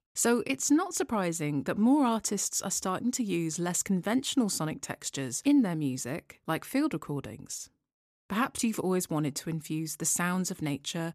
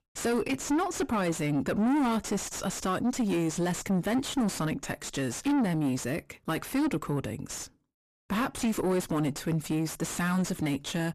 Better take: first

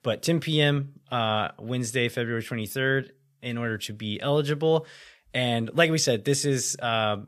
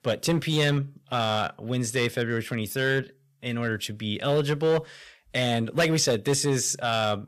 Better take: first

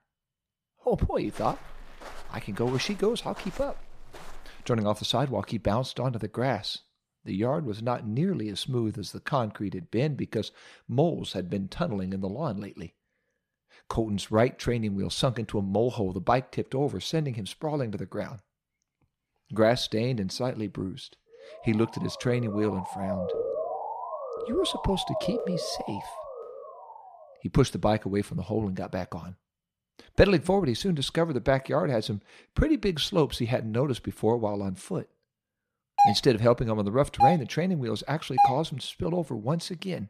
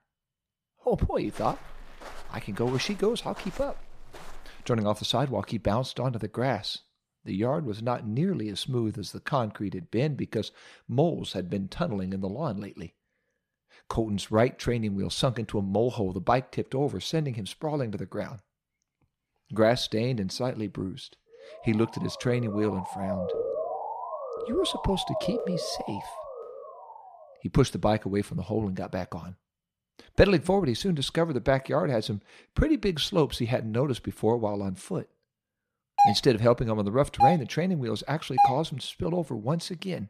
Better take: neither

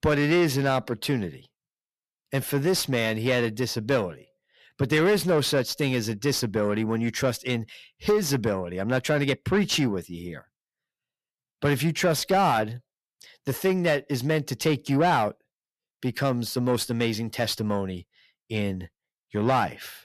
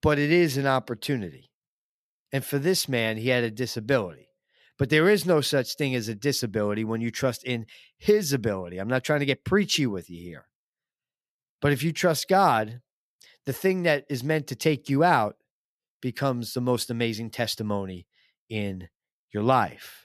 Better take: second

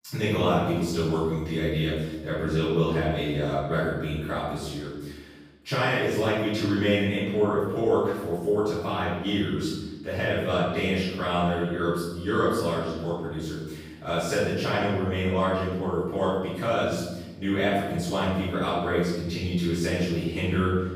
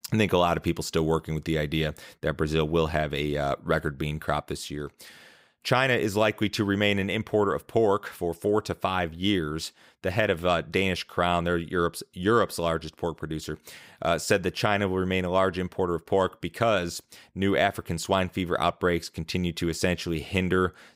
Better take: second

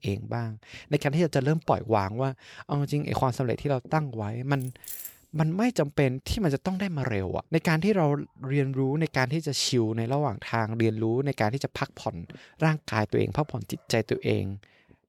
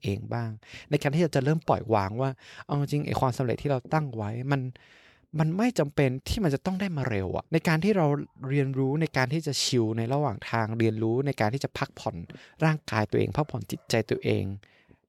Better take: second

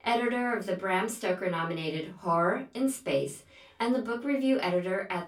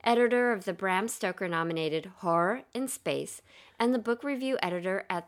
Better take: second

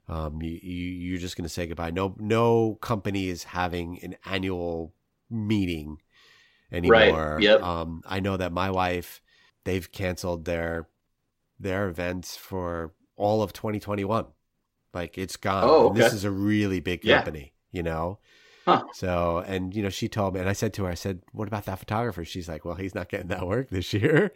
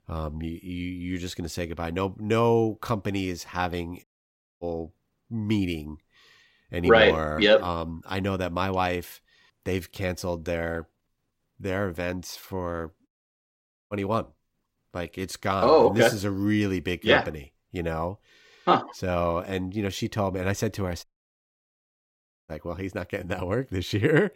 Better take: first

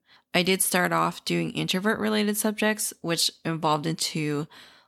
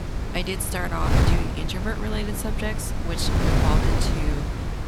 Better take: first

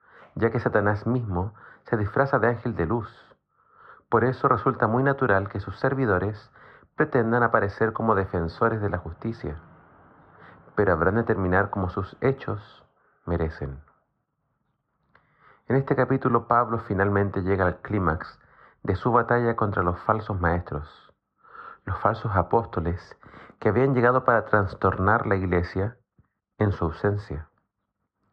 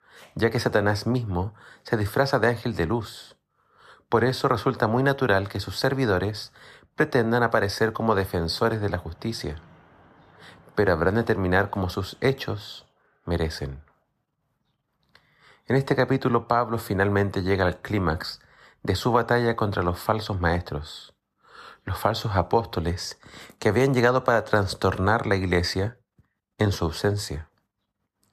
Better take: second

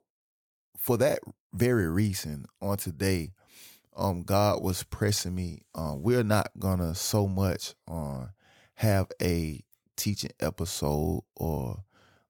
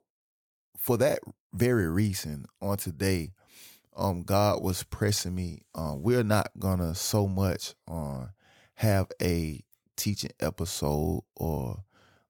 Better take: neither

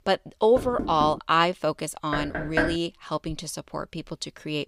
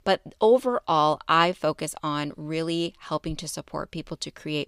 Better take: second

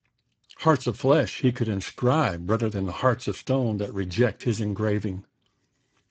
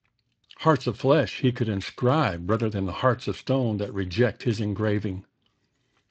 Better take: second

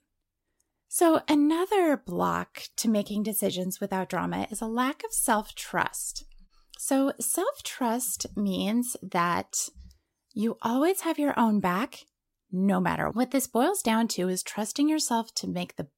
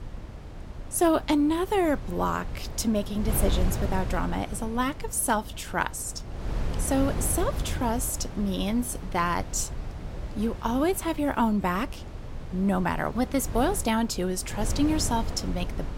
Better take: first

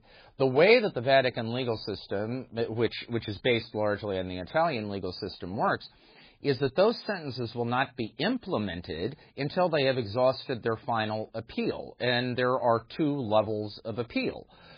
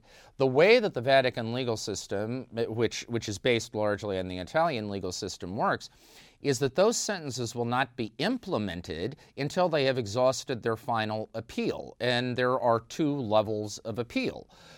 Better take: second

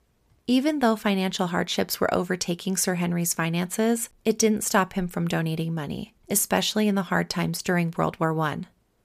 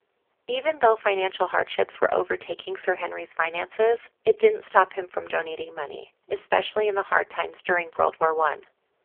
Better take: first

